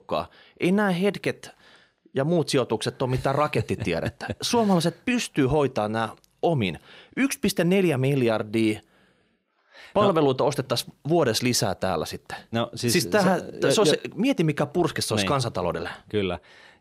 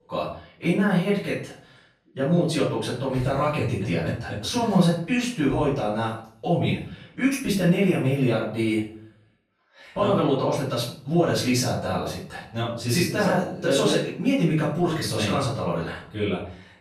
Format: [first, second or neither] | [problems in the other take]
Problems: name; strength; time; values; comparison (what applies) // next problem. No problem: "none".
first | room echo; noticeable; dies away in 0.4 s // off-mic speech; far